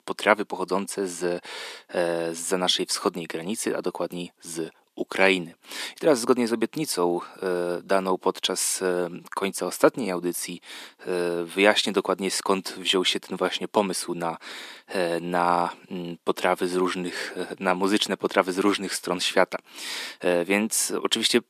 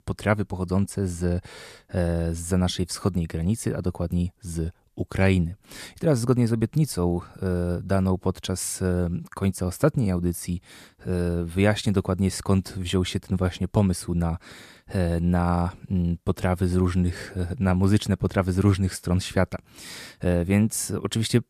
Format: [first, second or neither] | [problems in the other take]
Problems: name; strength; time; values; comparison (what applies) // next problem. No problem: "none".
second | thin; somewhat; fading below 250 Hz